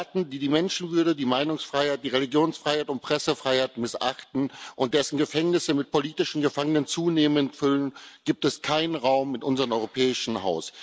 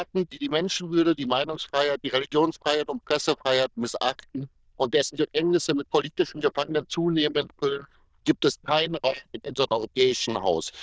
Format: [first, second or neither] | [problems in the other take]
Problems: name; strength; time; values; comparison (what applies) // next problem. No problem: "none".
first | noise reduction (neural diffusion model UNIVERSE++)